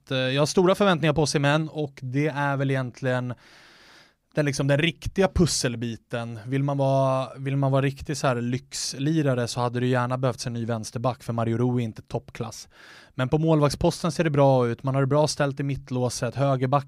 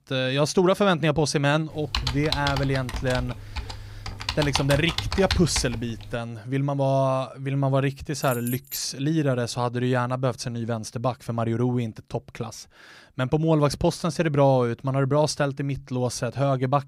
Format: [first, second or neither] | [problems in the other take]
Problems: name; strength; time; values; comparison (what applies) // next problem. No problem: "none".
first | keyboard typing; noticeable; from 2 to 6 s; peak 2 dB below the speech // jangling keys; faint; at 8 s; peak 10 dB below the speech